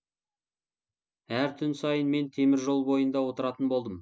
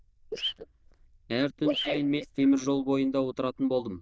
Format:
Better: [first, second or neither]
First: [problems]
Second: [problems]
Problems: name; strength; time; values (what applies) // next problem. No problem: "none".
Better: first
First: none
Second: noise reduction (neural diffusion model UNIVERSE++)